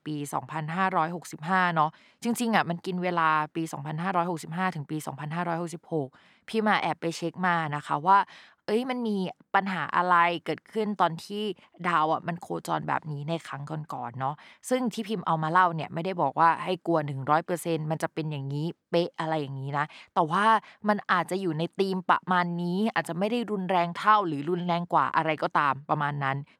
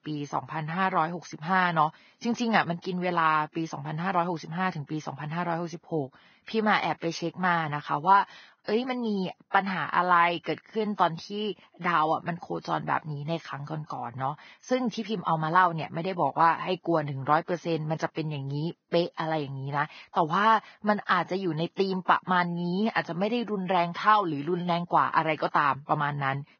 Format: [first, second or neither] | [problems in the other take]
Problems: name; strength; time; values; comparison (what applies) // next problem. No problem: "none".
first | garbled, watery; badly; nothing above 6.5 kHz